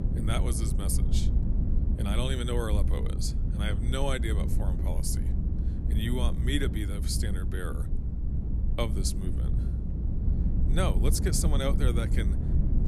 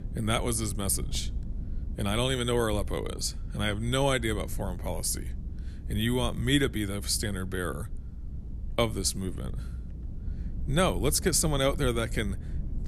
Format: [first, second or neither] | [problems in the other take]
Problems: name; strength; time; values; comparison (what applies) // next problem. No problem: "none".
second | low rumble; loud; throughout; 7 dB below the speech; faint in the second